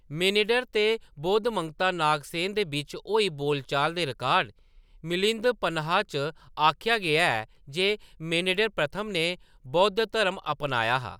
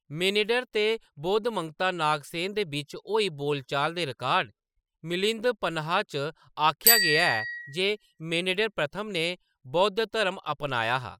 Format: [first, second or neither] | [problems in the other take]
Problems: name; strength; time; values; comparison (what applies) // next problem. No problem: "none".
first | noise reduction (classical method spectral subtraction)